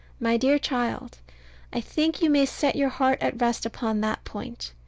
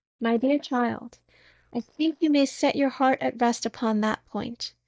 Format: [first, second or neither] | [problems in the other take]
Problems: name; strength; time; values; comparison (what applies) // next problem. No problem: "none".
first | noise reduction (neural mask model DeepFilterNet 3)